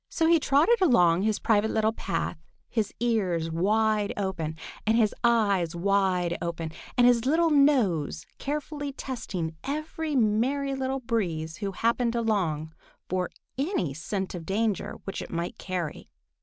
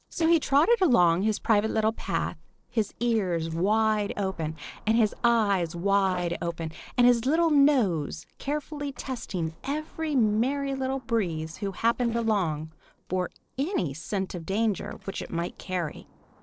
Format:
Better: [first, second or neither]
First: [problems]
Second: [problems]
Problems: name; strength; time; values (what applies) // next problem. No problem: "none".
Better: first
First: none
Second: noise reduction (neural separator model SepFormer DNS4)